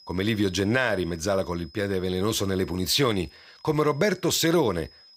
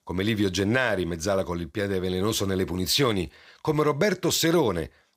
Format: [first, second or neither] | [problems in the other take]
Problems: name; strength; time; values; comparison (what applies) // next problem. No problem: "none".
second | high-pitched whine; faint; throughout; 5 kHz, 25 dB below the speech